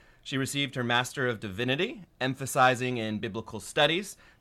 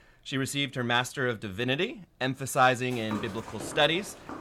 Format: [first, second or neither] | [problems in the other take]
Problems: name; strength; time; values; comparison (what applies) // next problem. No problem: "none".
first | footsteps; faint; from 3 s on; peak 10 dB below the speech